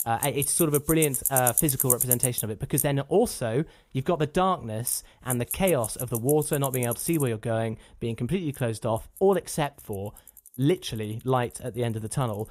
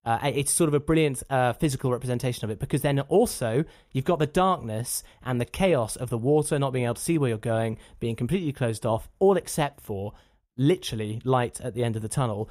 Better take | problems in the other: second | traffic noise; loud; throughout; 1 dB below the speech

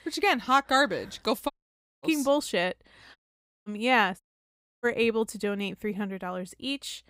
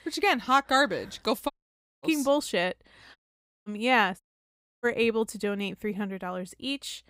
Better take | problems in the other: neither | audio cutting out; at 1.5 s for 0.5 s, at 3 s for 0.5 s and at 4 s for 0.5 s; the same in both

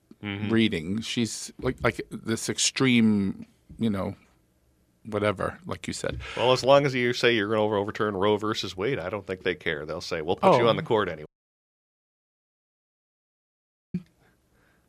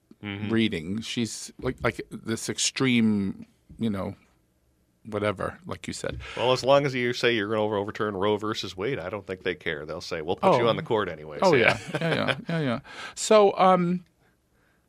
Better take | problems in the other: second | audio cutting out; at 11 s for 2.5 s

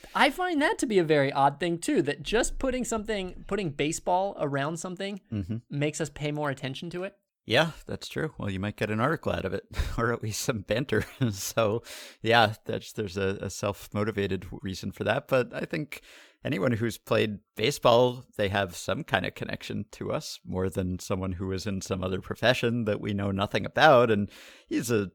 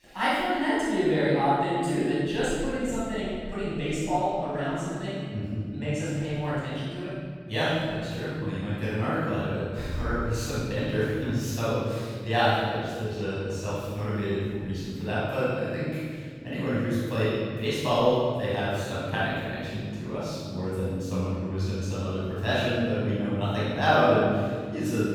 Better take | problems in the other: first | off-mic speech; far // room echo; strong; dies away in 2.1 s

